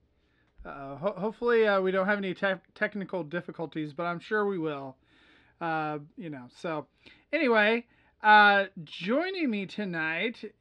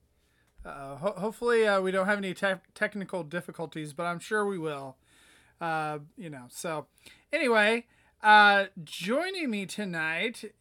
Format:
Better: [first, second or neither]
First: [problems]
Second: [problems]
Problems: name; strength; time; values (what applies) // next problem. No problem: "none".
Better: second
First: muffled; very slightly; fading above 4 kHz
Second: none